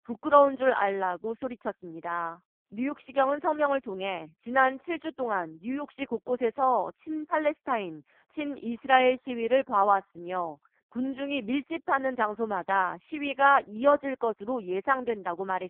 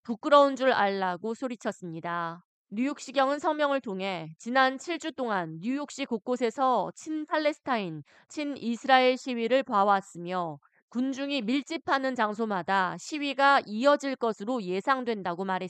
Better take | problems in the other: second | phone-call audio; poor line; nothing above 3 kHz

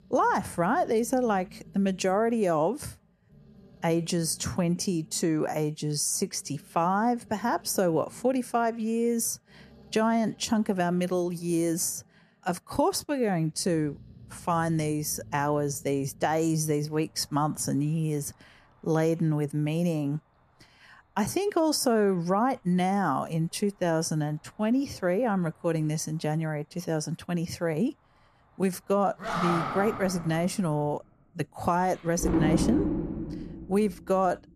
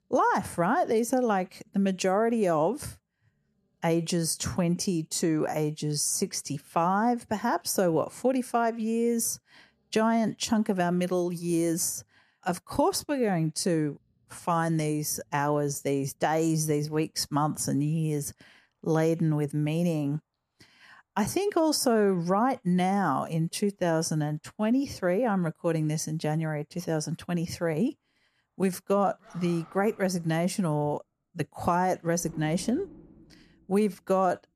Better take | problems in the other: second | animal sounds; loud; throughout; 6 dB below the speech; faint in the second

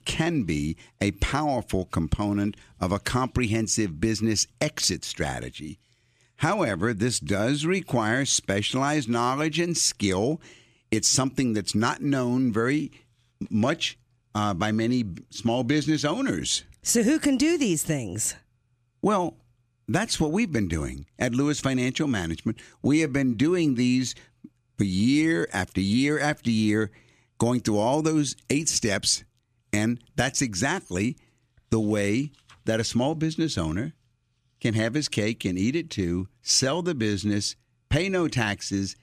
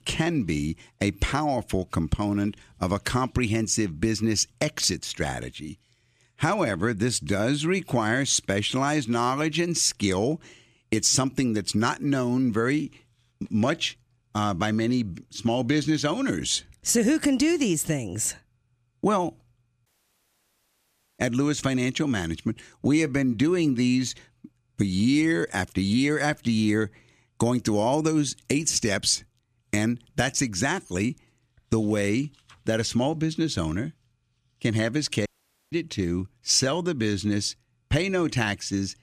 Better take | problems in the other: first | audio cutting out; at 20 s for 1.5 s and at 35 s

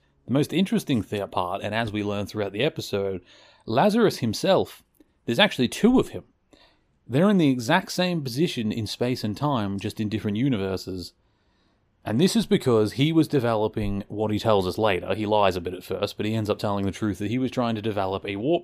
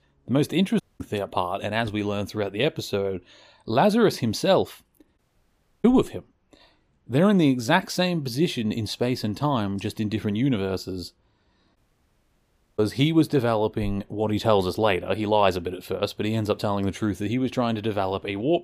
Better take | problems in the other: first | audio cutting out; at 1 s, at 5 s for 0.5 s and at 12 s for 1 s

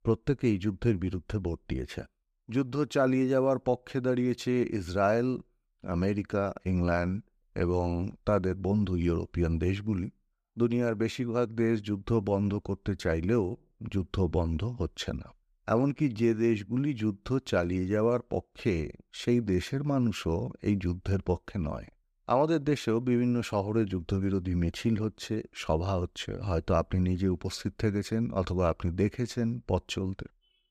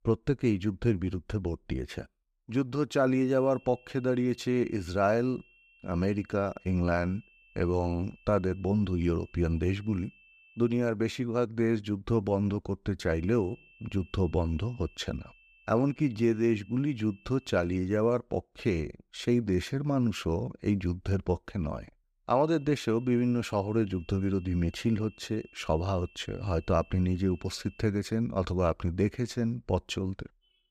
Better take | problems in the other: first | high-pitched whine; faint; from 3 to 11 s, from 13 to 18 s and from 22 to 28 s; 2.5 kHz, 30 dB below the speech

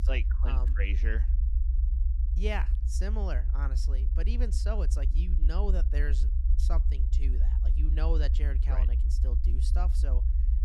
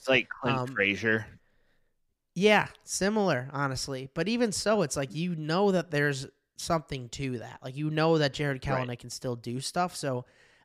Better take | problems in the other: second | low rumble; loud; throughout; 8 dB below the speech

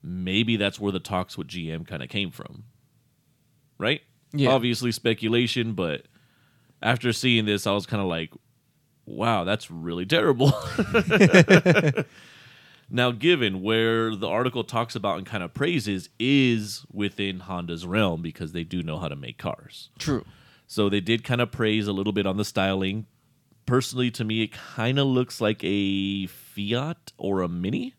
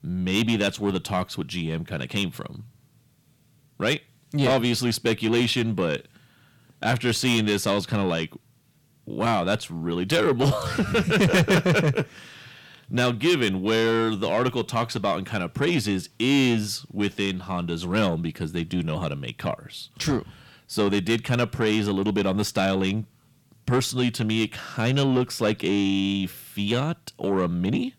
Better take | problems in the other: first | distortion; heavy; 8 dB below the speech

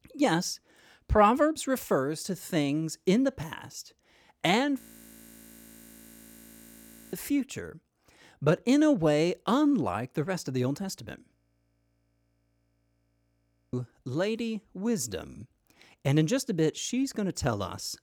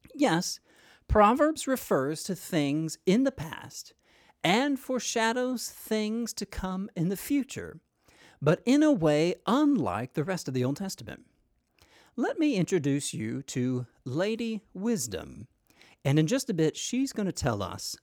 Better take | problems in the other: second | audio freezing; at 5 s for 2.5 s and at 11 s for 2.5 s

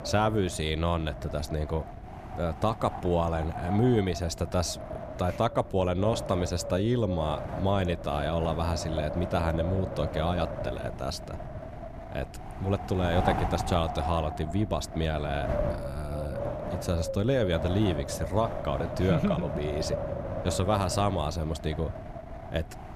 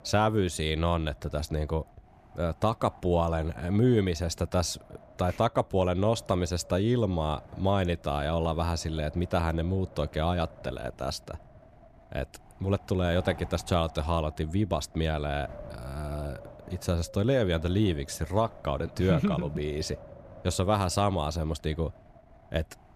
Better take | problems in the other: second | wind noise on the microphone; heavy; 5 dB below the speech; occasional gusts in the second

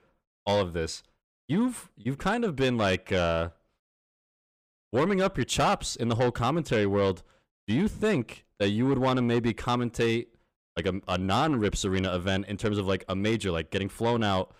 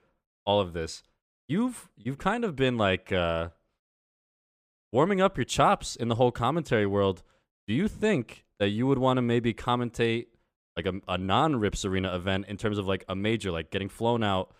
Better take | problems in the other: second | distortion; slight; 10 dB below the speech

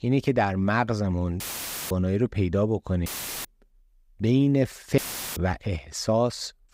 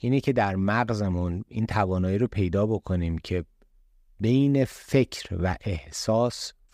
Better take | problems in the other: second | audio cutting out; filled with static; at 1.5 s for 0.5 s, at 3 s and at 5 s

